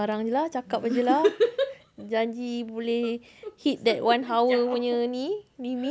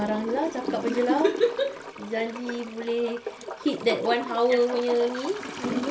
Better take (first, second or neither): first